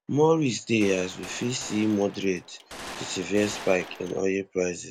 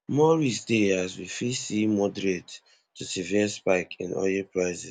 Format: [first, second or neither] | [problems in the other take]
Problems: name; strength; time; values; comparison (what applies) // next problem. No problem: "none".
second | background sound (Gunshot, gunfire); 15 dB below the speech